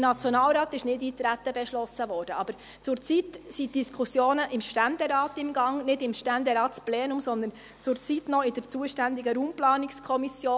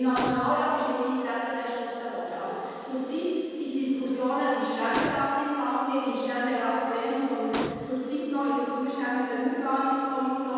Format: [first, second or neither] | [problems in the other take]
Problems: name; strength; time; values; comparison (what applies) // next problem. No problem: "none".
first | background sound (Gunshot, gunfire); 9 dB below the speech // room echo; dies away in 2.1 s